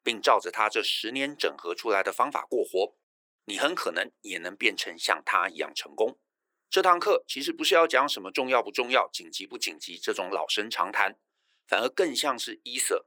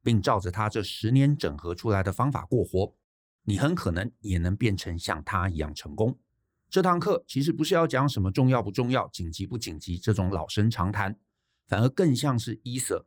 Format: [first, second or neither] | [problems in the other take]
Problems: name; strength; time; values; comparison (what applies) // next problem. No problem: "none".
second | thin; very; fading below 400 Hz